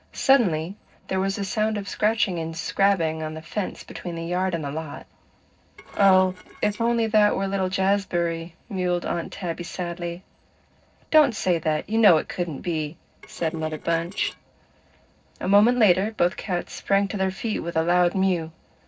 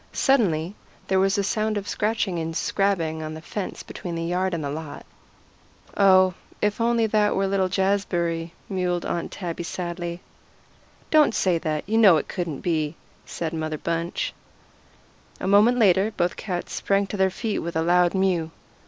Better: second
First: noise reduction (neural separator model SepFormer DNS4)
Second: none

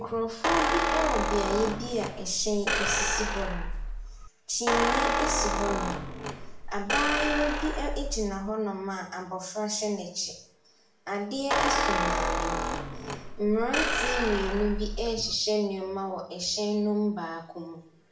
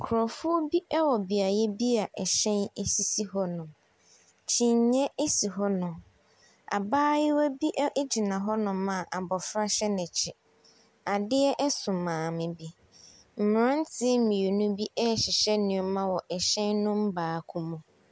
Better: second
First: background sound (Squeak); 2 dB above the speech // room echo; dies away in 0.5 s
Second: none

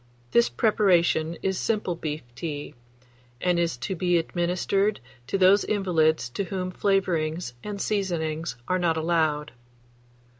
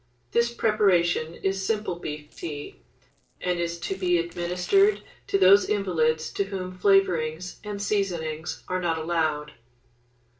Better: first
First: none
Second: noise reduction (neural separator model SepFormer DNS4)

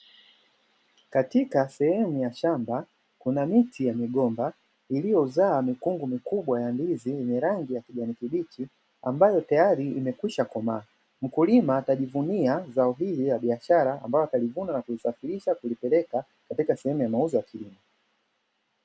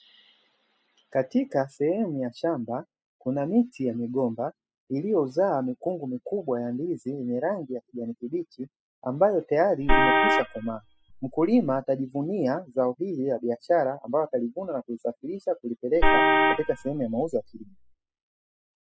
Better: first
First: none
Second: noise reduction (classical method spectral subtraction)

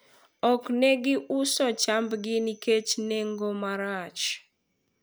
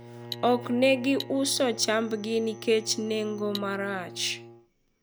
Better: first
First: none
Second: background sound (Cutlery, silverware + Bowed string instrument); 14 dB below the speech

